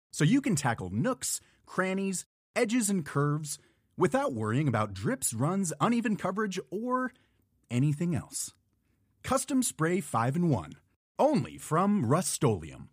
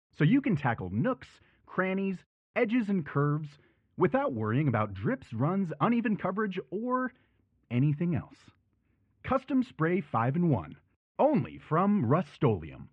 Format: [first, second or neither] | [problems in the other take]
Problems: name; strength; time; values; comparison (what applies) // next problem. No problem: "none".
first | muffled; very; fading above 2.5 kHz